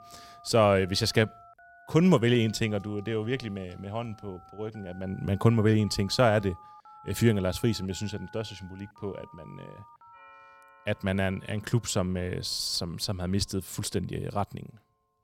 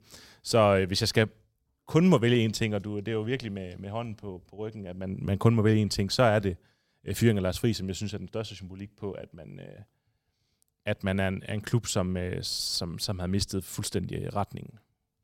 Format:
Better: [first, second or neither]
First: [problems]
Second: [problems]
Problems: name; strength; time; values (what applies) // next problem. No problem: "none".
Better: second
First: alarms or sirens; faint; throughout; 25 dB below the speech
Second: none